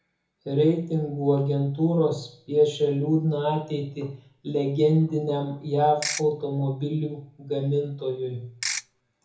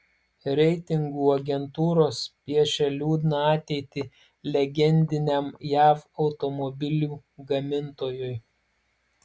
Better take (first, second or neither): second